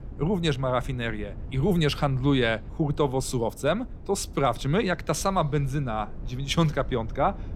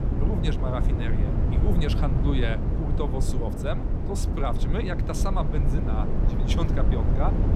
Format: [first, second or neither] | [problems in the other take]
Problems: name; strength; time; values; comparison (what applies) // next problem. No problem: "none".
first | low rumble; loud; throughout; 2 dB below the speech; faint in the first